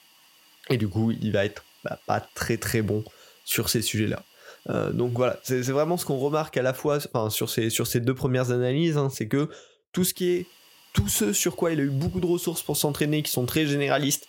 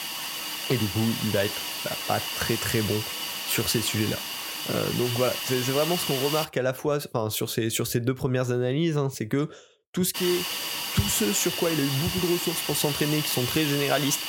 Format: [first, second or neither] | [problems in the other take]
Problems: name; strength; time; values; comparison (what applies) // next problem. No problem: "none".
first | hiss; loud; until 6.5 s and from 10 s on; 2 dB below the speech; faint in the first